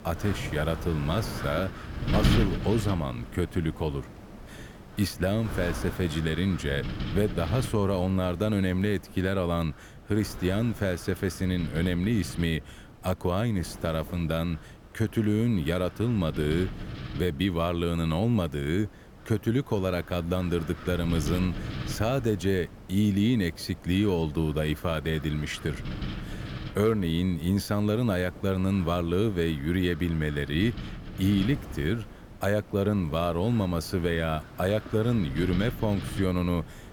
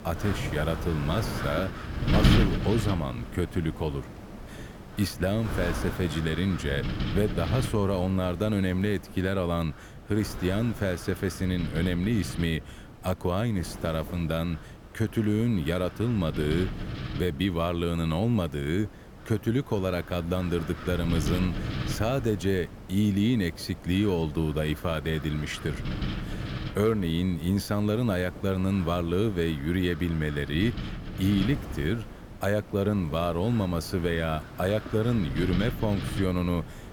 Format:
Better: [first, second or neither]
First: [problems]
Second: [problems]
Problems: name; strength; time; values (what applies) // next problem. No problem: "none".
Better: first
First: wind noise on the microphone; occasional gusts; 10 dB below the speech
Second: wind noise on the microphone; heavy; 8 dB below the speech